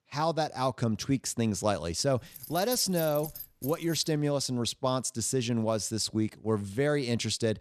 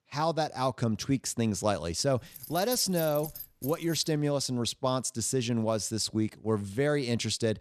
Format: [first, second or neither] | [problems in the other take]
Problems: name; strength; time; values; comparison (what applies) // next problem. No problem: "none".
neither | jangling keys; noticeable; from 2.5 to 4 s; peak 7 dB below the speech; the same in both